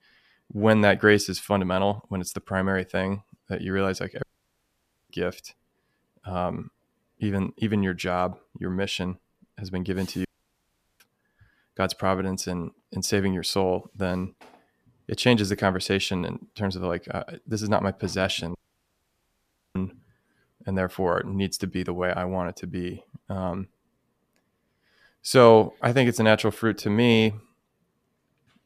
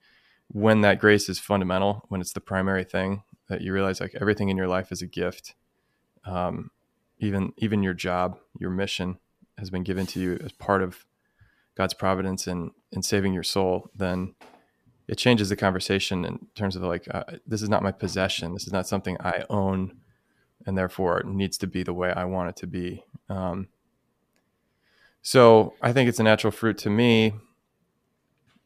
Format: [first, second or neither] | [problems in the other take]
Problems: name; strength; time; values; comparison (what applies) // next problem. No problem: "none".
second | audio cutting out; at 4 s for 1 s, at 10 s for 1 s and at 19 s for 1 s